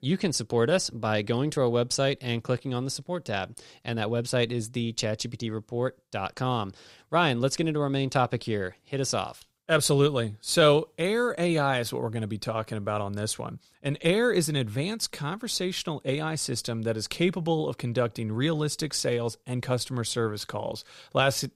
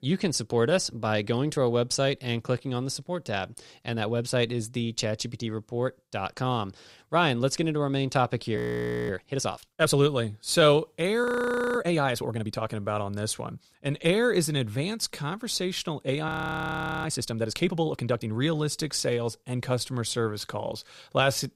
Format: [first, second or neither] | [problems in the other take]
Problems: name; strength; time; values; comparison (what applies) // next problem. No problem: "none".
first | audio freezing; at 8.5 s for 0.5 s, at 11 s for 0.5 s and at 16 s for 1 s